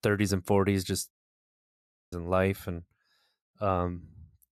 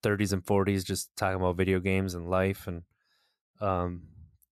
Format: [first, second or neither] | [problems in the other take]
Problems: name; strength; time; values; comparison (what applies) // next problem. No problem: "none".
second | audio cutting out; at 1 s for 1 s